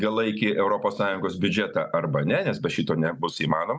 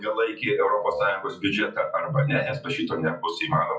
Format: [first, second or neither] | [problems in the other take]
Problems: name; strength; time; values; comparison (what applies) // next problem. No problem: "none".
first | noise reduction (classical method WPE with log-MMSE)